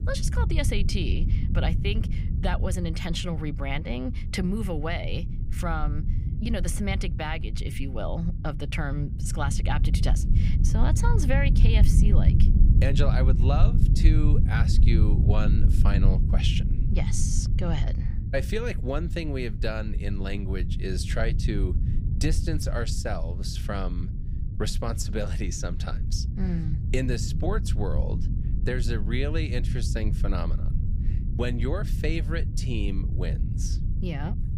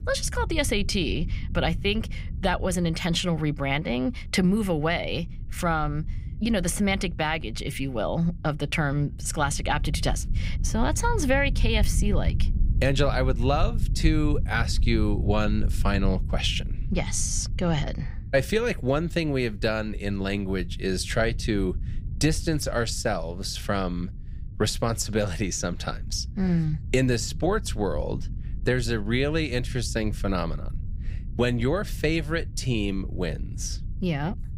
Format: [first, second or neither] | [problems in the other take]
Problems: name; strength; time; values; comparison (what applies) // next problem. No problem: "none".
second | low rumble; loud; throughout; 7 dB below the speech; faint in the second